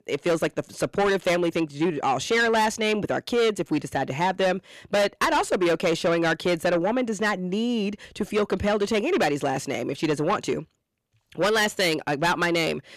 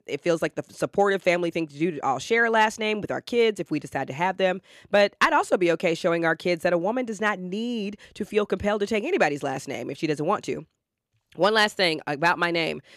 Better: second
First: distortion; heavy; 8 dB below the speech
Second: none

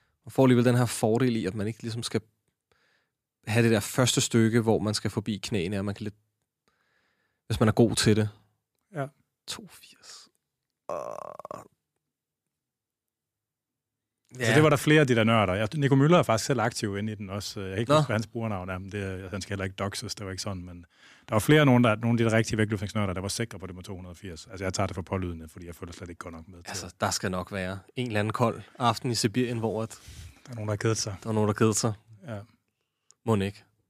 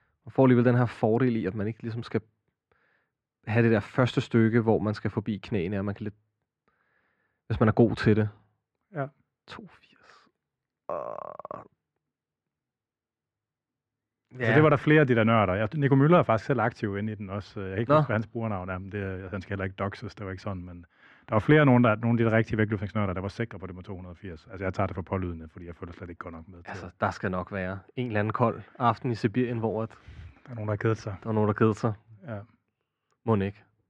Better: first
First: none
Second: muffled; very; fading above 2 kHz

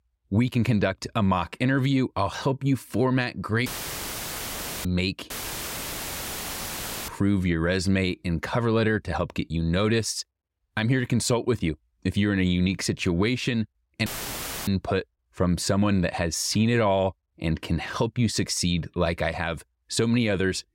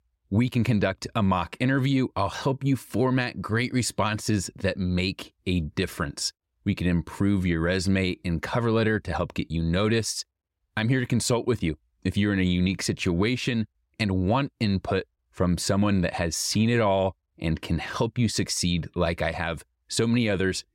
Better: second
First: audio cutting out; filled with static; at 3.5 s for 1 s, at 5.5 s for 2 s and at 14 s for 0.5 s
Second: none

